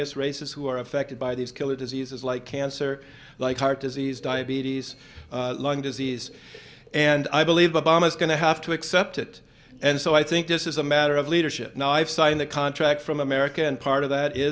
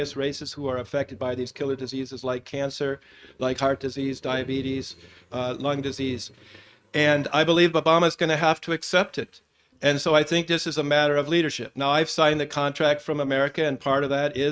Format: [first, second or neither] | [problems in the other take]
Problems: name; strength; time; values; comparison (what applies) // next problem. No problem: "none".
first | noise reduction (neural mask model RNNoise)